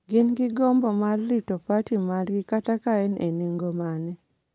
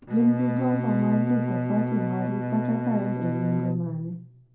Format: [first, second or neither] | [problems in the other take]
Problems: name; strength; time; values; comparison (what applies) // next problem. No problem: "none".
first | background sound (Bowed string instrument); 2 dB below the speech // room echo; dies away in 0.4 s